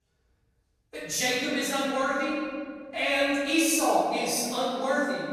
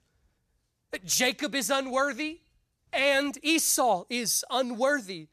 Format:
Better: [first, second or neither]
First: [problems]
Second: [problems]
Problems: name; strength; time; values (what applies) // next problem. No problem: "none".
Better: second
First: off-mic speech; far // room echo; strong; dies away in 1.8 s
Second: none